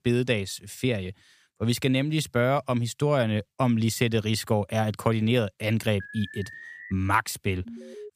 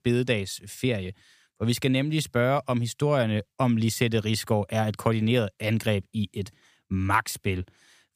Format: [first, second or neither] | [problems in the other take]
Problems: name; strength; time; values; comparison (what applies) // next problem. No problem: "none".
second | alarm; faint; at 6 s and at 7.5 s; peak 15 dB below the speech